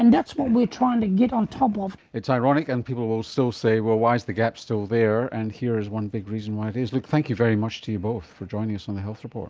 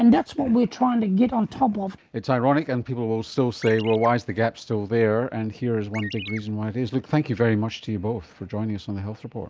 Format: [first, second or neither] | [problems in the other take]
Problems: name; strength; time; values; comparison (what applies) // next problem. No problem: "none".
first | noise reduction (neural mask model Resemble Enhance denoiser)